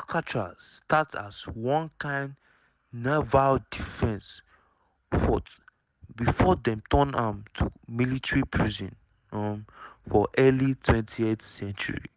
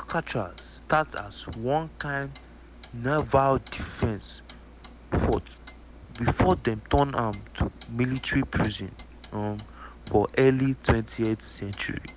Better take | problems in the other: first | background sound (Clock); 19 dB below the speech

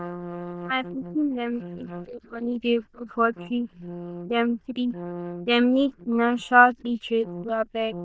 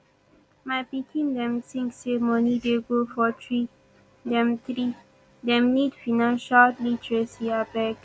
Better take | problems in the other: second | noise reduction (neural diffusion model UNIVERSE++)

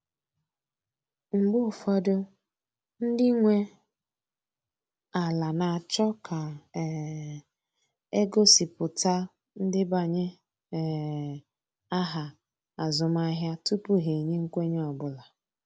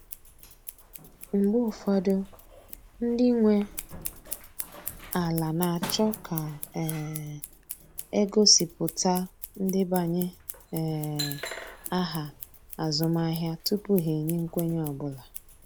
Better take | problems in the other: first | background sound (Scissors); 13 dB below the speech

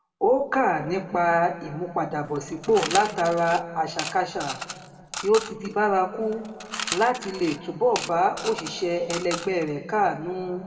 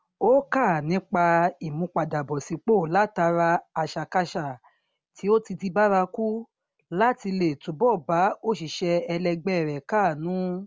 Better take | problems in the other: second | background sound (Coin (dropping) / Mechanisms); 11 dB below the speech // room echo; dies away in 2 s

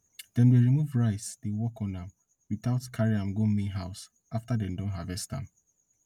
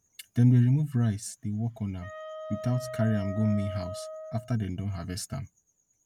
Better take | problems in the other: first | background sound (Wind instrument, woodwind instrument); 12 dB below the speech

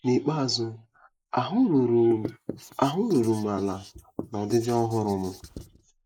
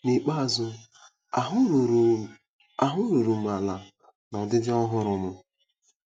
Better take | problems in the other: second | noise reduction (neural mask model Resemble Enhance denoiser)

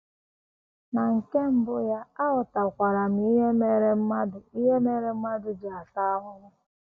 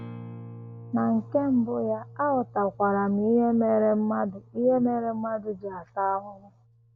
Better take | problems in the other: first | background sound (Acoustic guitar); 19 dB below the speech

